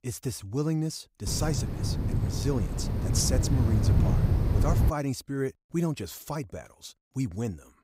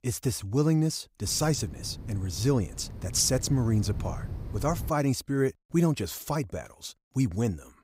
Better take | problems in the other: second | wind noise on the microphone; heavy; from 1.5 to 5 s; 3 dB below the speech; occasional gusts in the second

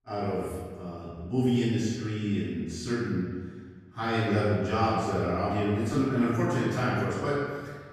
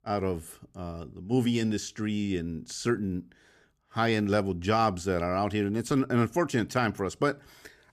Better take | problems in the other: second | room echo; strong; dies away in 1.6 s // off-mic speech; far

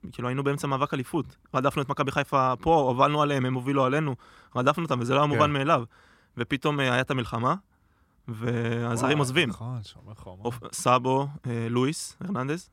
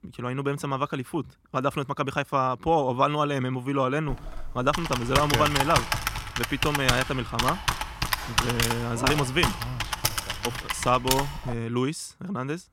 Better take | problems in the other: first | keyboard typing; loud; from 4 to 12 s; peak 3 dB above the speech

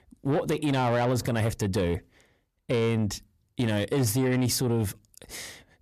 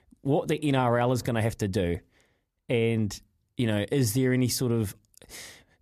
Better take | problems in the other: second | distortion; slight; 10 dB below the speech

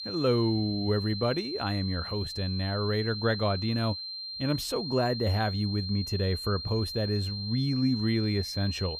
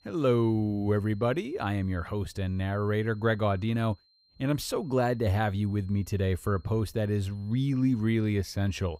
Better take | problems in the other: second | high-pitched whine; loud; throughout; 4 kHz, 6 dB below the speech; faint in the second

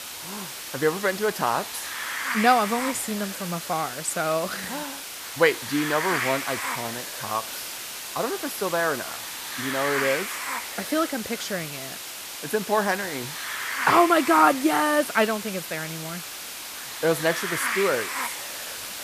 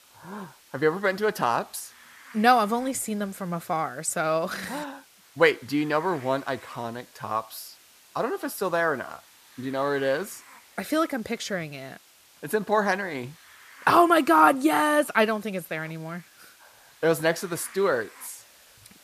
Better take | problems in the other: second | hiss; loud; throughout; 6 dB below the speech; faint in the second

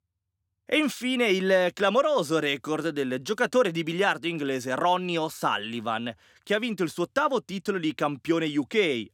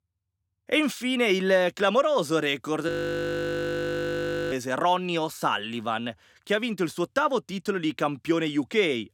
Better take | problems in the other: first | audio freezing; at 3 s for 1.5 s

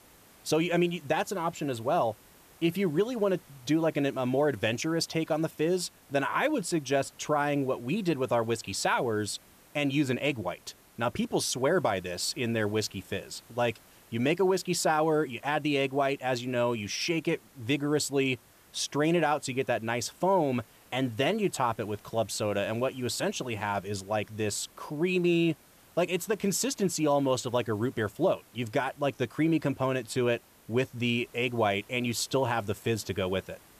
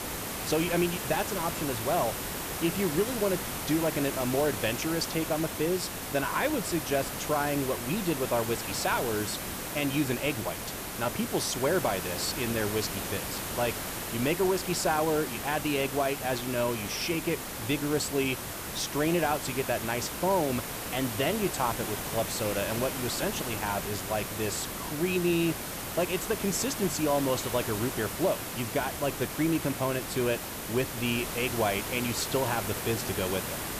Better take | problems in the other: first | hiss; loud; throughout; 4 dB below the speech; faint in the first

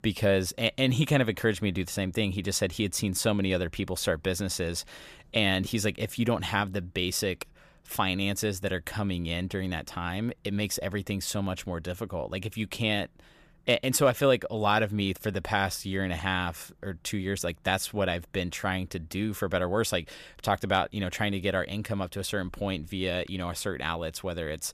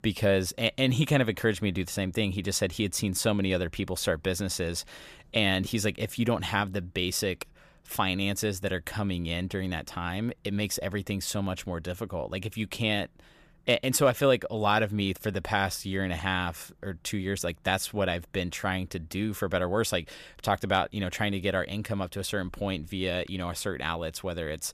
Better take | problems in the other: neither | none

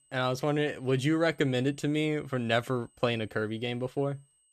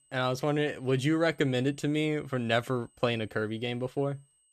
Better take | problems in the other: neither | high-pitched whine; faint; throughout; 8 kHz, 35 dB below the speech; the same in both

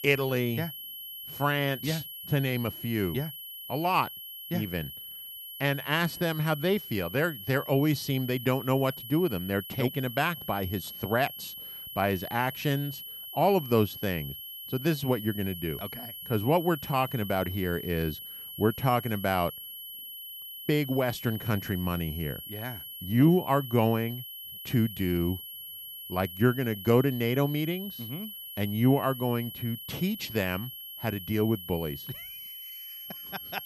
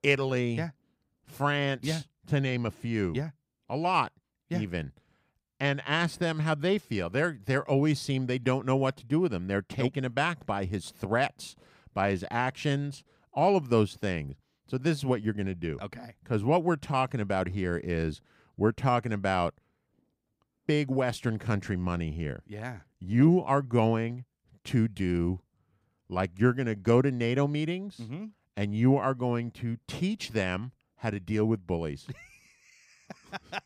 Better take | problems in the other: second | high-pitched whine; loud; throughout; 3 kHz, 10 dB below the speech

